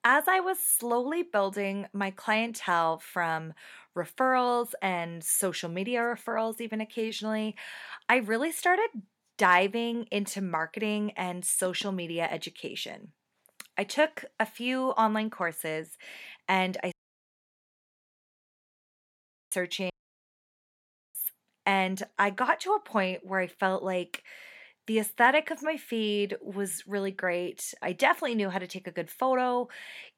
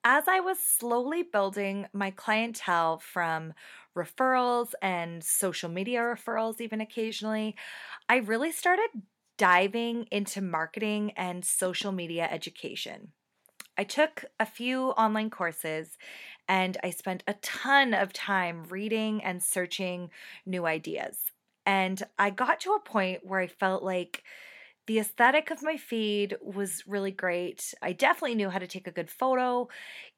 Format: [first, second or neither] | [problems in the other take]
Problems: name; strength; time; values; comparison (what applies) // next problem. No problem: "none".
second | audio cutting out; at 17 s for 2.5 s and at 20 s for 1.5 s